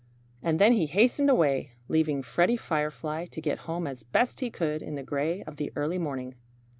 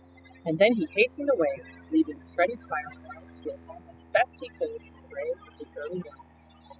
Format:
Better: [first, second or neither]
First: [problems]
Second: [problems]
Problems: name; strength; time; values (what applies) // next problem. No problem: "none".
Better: first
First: none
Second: noise reduction (classical method spectral subtraction)